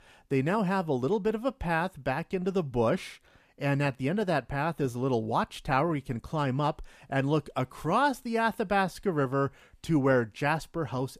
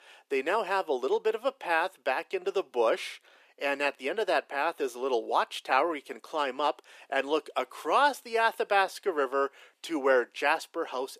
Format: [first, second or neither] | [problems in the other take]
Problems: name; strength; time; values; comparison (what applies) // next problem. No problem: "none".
first | thin; very; fading below 350 Hz